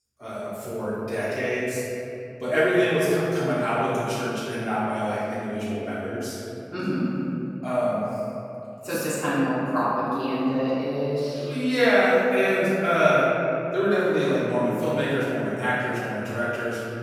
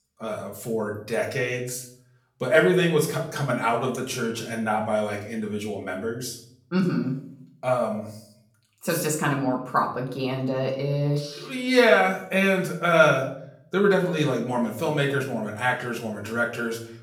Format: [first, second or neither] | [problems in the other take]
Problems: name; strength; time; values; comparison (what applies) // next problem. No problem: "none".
second | room echo; strong; dies away in 2.7 s; slight in the second // off-mic speech; far; far in the second